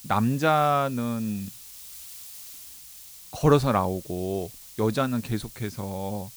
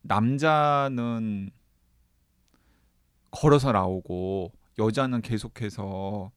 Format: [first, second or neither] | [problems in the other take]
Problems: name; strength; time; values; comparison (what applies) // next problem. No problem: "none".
second | hiss; noticeable; throughout; 15 dB below the speech